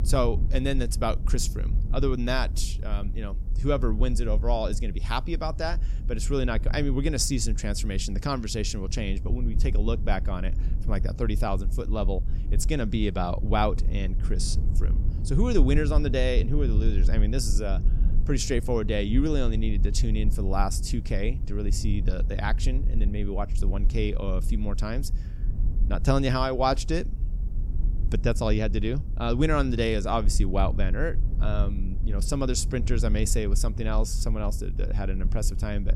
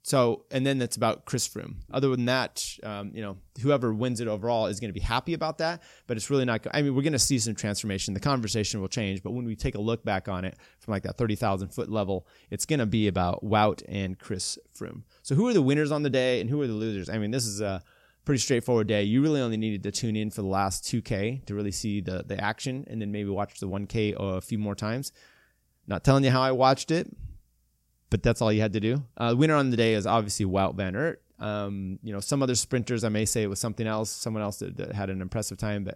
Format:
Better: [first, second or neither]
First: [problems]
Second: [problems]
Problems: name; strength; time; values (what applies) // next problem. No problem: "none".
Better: second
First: low rumble; noticeable; throughout; 15 dB below the speech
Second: none